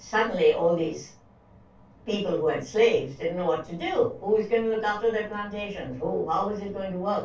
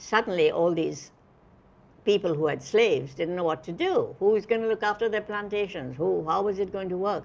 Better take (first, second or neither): second